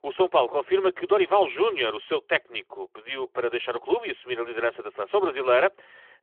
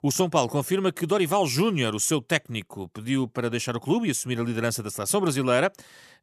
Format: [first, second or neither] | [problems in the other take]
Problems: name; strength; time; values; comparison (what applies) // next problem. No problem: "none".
second | phone-call audio; nothing above 3.5 kHz